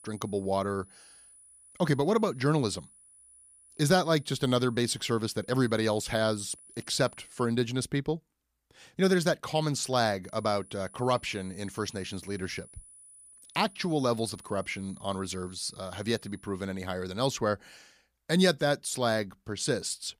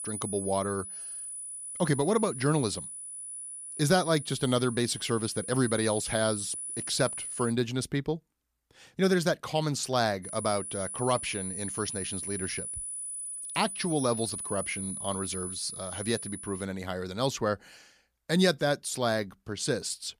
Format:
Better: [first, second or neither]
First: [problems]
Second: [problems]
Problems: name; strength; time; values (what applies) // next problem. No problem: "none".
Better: first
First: high-pitched whine; faint; until 7.5 s and from 10 to 17 s; 10 kHz, 25 dB below the speech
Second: high-pitched whine; loud; until 7.5 s and from 10 to 17 s; 10 kHz, 6 dB below the speech